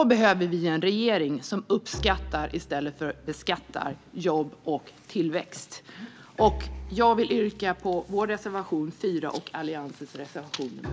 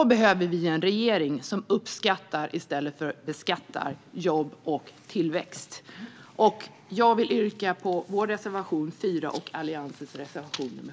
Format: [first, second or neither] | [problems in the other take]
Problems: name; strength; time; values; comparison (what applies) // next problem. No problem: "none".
second | background sound (Bowed string instrument); 15 dB below the speech